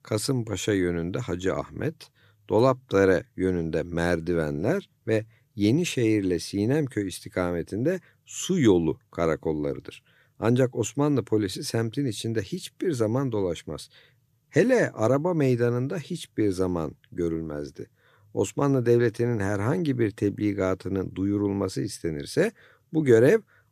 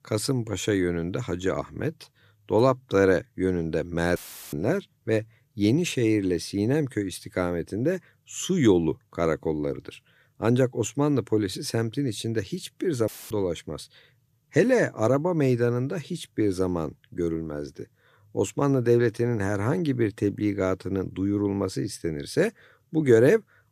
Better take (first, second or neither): first